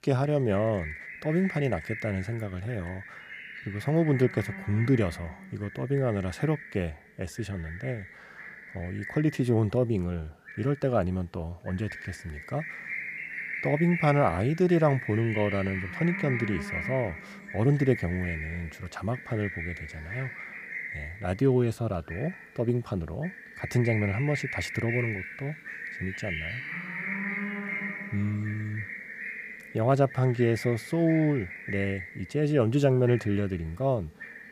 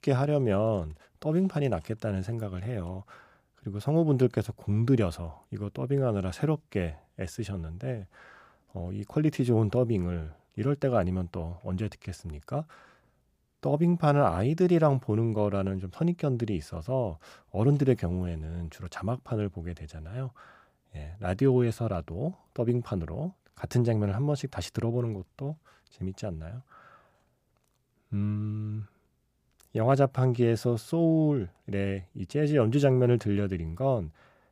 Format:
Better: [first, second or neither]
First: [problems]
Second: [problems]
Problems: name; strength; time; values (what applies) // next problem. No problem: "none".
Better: second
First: animal sounds; loud; throughout; 9 dB below the speech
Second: none